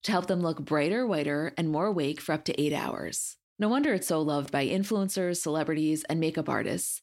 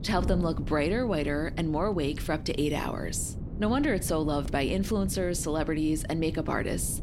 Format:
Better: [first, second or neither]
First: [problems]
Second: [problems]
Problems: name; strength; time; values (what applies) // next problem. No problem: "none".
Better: first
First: none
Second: wind noise on the microphone; occasional gusts; 15 dB below the speech